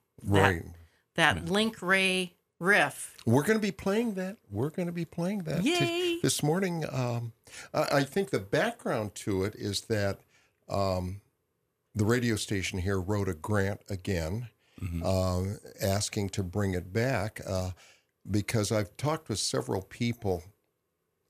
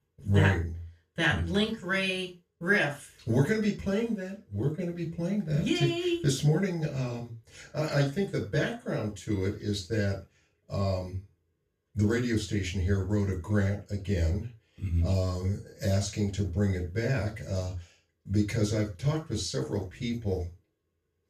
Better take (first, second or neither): first